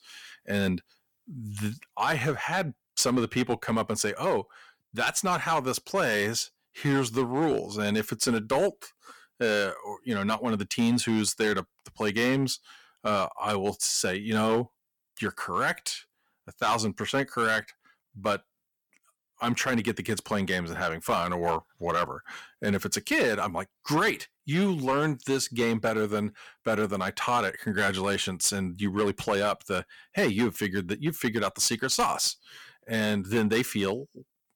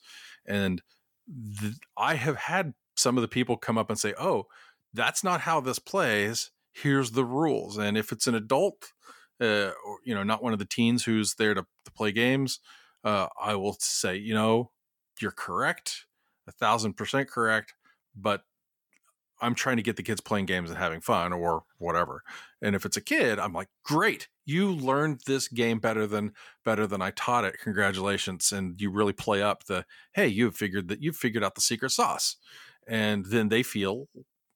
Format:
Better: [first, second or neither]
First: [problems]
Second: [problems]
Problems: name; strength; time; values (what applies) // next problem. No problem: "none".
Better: second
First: distortion; slight; 4% of the sound clipped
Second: none